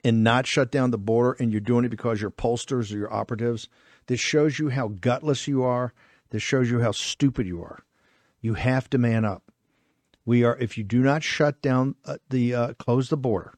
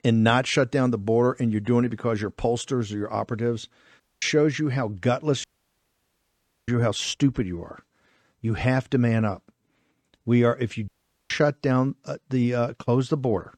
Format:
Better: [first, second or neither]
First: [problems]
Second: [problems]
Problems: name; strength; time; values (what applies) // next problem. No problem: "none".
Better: first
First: none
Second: audio cutting out; at 4 s, at 5.5 s for 1 s and at 11 s